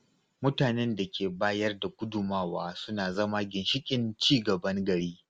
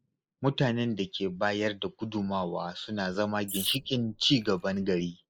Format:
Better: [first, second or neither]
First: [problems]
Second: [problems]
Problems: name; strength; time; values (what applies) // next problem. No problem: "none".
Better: first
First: none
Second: noise reduction (neural mask model Resemble Enhance denoiser)